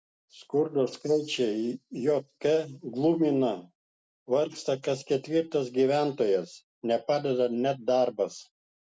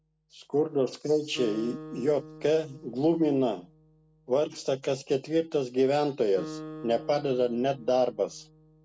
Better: first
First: none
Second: background sound (Acoustic guitar); 17 dB below the speech

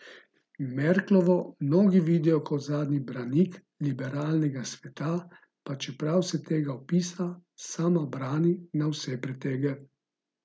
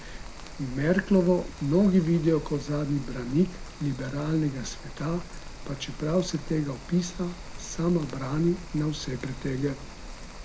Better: first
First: none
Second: background sound (Rain); 12 dB below the speech

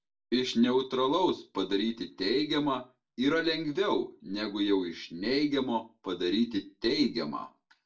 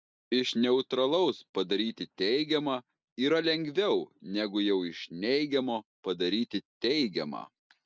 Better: second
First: room echo; dies away in 0.2 s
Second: none

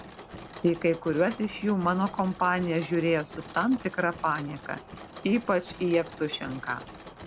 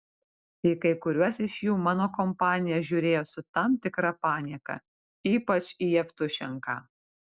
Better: second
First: background sound (Mechanisms); 16 dB below the speech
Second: none

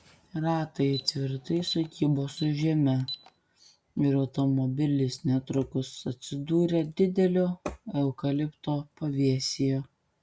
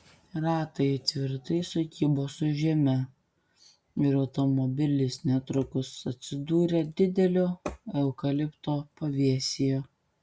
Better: second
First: background sound (Alarm); 16 dB below the speech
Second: none

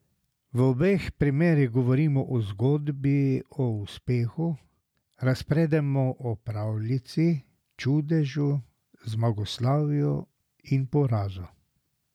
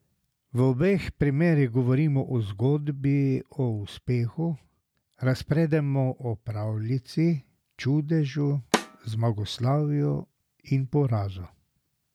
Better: first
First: none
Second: background sound (Snare drum); 7 dB below the speech

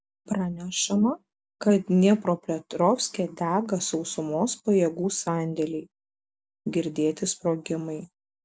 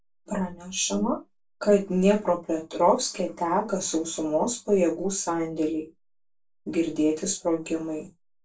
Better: first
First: none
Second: room echo; dies away in 0.2 s

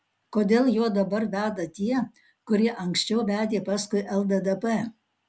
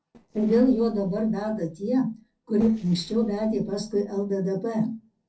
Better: first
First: none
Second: noise reduction (neural separator model SepFormer DNS4)

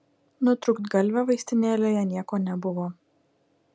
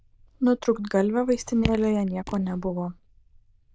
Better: first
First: none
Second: noise reduction (neural diffusion model UNIVERSE++)

